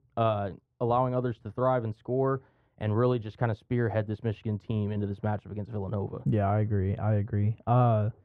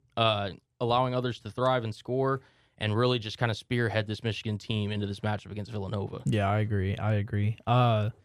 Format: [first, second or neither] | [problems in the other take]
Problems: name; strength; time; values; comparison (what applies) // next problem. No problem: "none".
second | muffled; very; fading above 2 kHz